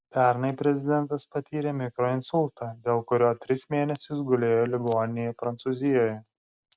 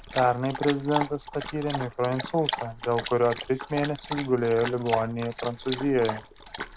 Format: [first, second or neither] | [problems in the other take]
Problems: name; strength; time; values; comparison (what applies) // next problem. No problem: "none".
first | background sound (Dog); 9 dB below the speech